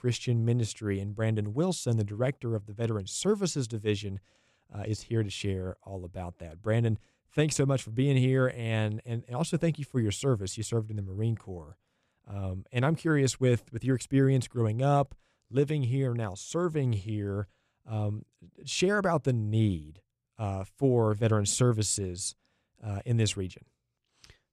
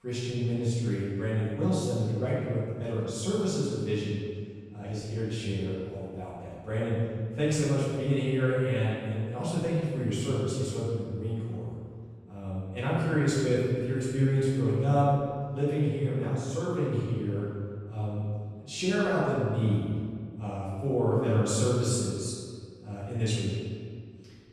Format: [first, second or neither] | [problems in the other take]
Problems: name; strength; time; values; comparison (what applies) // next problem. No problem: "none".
first | off-mic speech; far // room echo; strong; dies away in 1.8 s